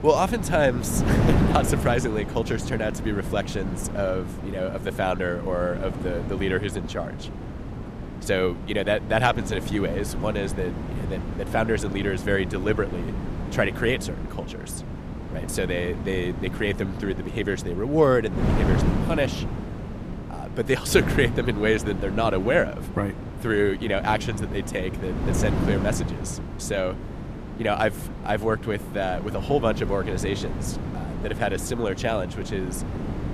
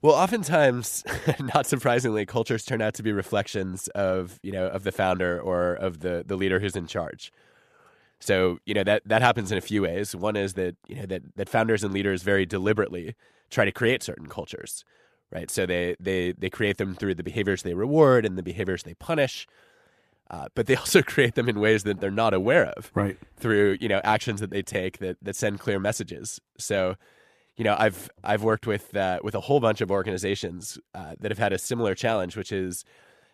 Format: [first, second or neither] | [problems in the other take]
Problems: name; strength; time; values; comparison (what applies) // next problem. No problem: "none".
second | wind noise on the microphone; heavy; 10 dB below the speech